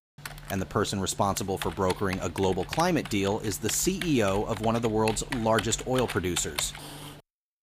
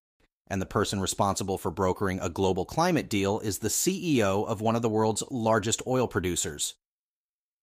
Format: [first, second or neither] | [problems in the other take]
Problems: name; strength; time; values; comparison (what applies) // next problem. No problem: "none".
second | keyboard typing; noticeable; peak 6 dB below the speech